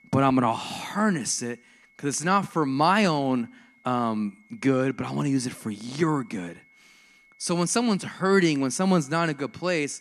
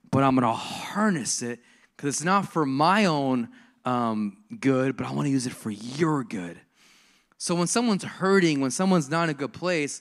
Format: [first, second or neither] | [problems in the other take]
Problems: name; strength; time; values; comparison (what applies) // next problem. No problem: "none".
second | high-pitched whine; faint; throughout; 2 kHz, 30 dB below the speech